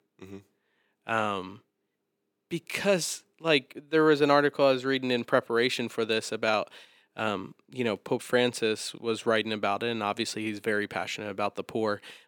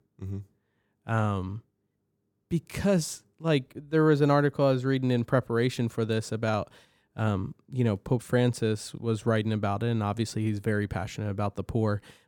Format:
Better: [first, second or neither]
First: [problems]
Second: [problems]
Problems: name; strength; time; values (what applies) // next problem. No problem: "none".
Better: second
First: thin; somewhat; fading below 300 Hz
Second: none